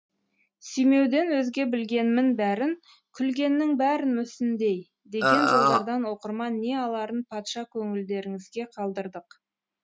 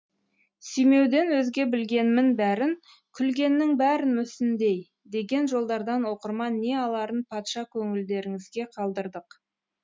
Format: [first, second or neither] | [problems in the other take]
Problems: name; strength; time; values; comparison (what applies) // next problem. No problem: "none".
second | background sound (Burping, eructation); 4 dB above the speech